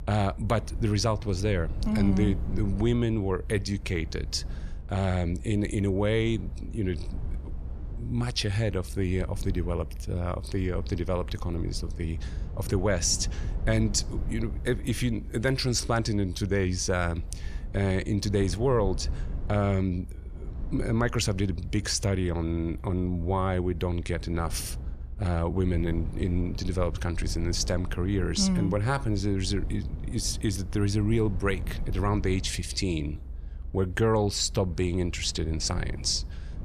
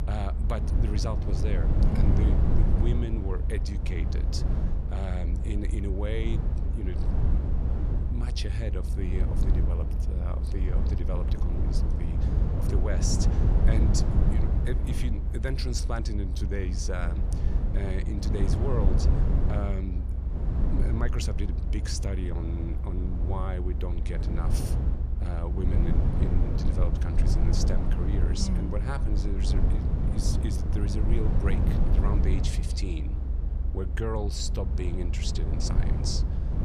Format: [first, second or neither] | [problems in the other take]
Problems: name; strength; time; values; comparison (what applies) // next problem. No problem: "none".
first | low rumble; loud; throughout; 2 dB below the speech; faint in the first